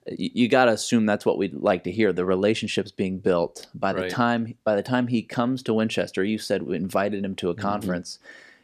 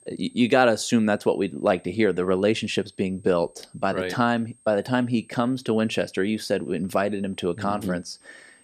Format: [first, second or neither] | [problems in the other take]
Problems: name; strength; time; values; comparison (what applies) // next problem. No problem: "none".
first | high-pitched whine; faint; throughout; 8.5 kHz, 30 dB below the speech